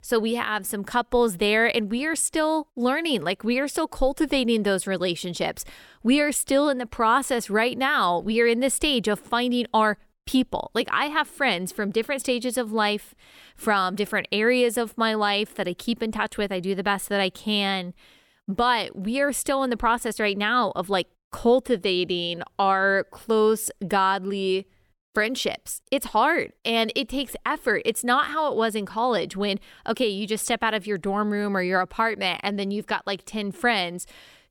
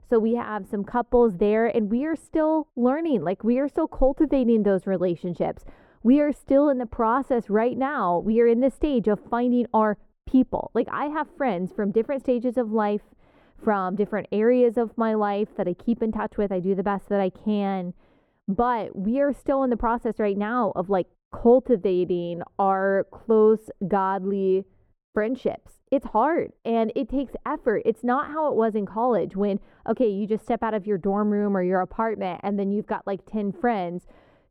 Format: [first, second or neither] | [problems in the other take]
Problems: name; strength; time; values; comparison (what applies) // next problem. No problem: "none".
first | muffled; very; fading above 2 kHz